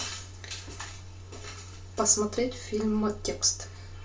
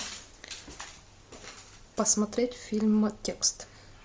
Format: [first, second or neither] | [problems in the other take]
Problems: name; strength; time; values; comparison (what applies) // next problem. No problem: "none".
second | background sound (Microwave oven); 14 dB below the speech // room echo; dies away in 0.2 s